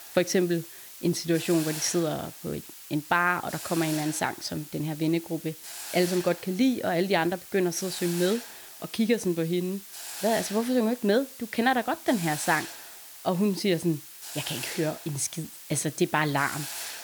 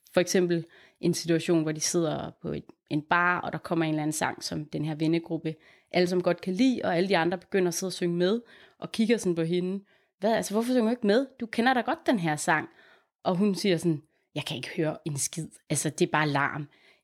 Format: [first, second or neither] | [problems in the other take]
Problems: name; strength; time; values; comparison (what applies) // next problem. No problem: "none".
second | hiss; noticeable; throughout; 10 dB below the speech